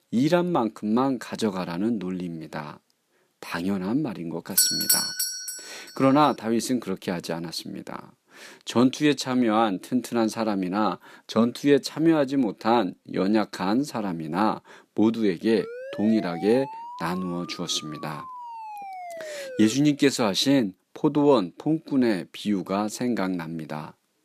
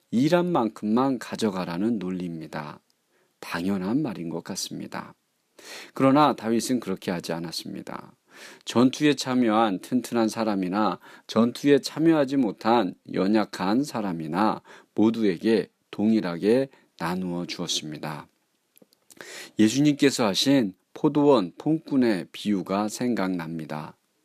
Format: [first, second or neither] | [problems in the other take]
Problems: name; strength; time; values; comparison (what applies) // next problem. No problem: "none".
second | doorbell; loud; at 4.5 s; peak 7 dB above the speech // siren; faint; from 16 to 20 s; peak 10 dB below the speech